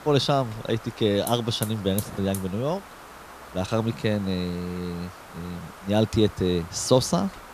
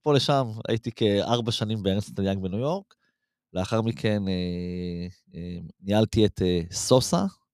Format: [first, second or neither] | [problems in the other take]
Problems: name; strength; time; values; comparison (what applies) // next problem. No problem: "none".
second | hiss; noticeable; throughout; 15 dB below the speech